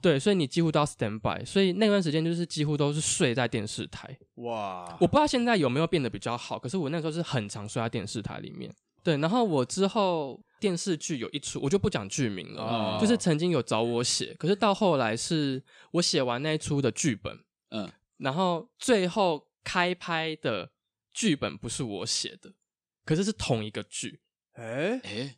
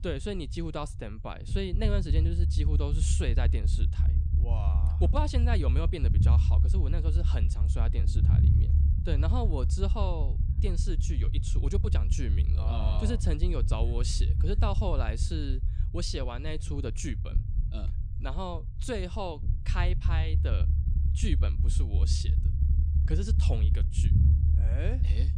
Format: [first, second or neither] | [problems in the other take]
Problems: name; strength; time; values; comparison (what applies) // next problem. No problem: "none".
first | low rumble; loud; throughout; 6 dB below the speech